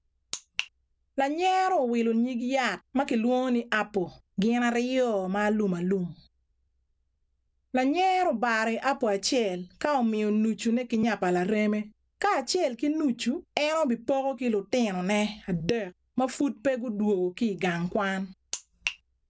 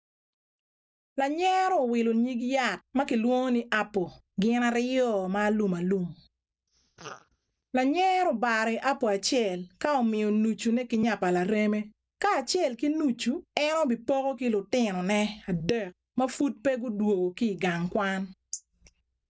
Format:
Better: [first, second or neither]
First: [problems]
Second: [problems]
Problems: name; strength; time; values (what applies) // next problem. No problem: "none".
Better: first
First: none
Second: noise reduction (neural mask model DeepFilterNet 3)